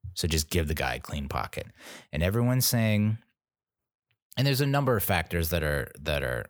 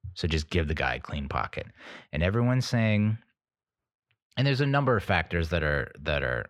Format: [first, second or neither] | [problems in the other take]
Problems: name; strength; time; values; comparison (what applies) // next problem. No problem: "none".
first | muffled; slightly; fading above 3 kHz